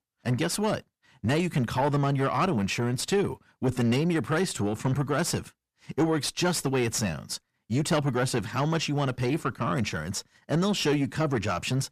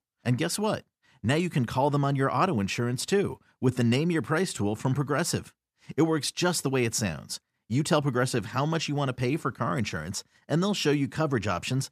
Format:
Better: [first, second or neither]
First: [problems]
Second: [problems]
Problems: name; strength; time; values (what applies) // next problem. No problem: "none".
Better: second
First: distortion; slight; 10 dB below the speech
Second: none